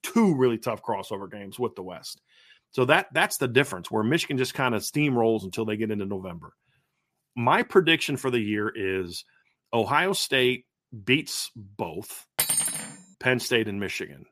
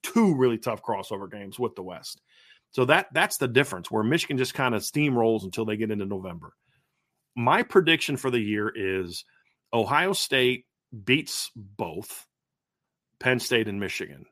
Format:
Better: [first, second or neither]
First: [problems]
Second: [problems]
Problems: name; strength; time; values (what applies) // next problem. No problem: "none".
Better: second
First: clattering dishes; loud; at 12 s; peak 3 dB above the speech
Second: none